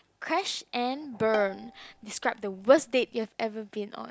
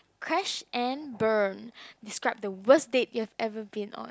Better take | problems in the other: second | background sound (Bowed string instrument); 16 dB below the speech

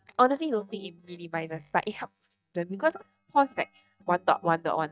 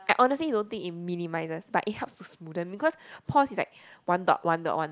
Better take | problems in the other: second | noise reduction (neural mask model DeepFilterNet 3)

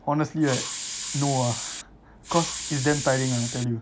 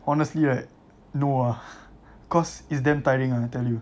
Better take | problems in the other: second | background sound (Hiss); 6 dB below the speech

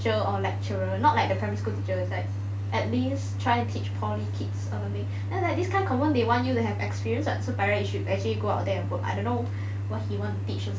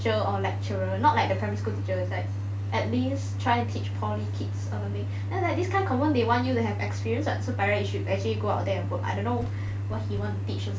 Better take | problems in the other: first | background sound (Knock); 19 dB below the speech

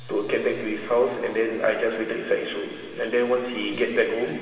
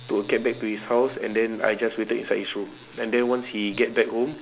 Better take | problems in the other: second | room echo; dies away in 2.9 s

